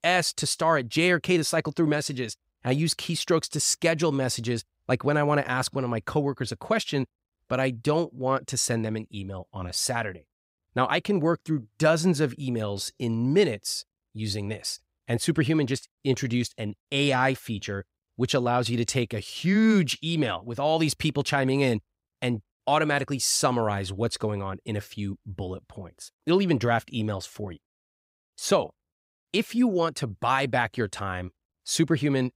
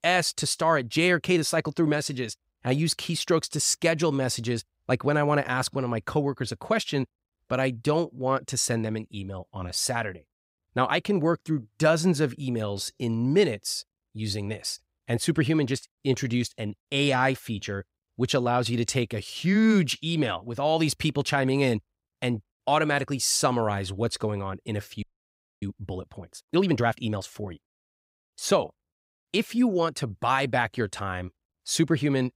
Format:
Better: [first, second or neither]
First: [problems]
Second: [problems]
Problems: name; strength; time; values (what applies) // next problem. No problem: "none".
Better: first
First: none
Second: audio freezing; at 25 s for 0.5 s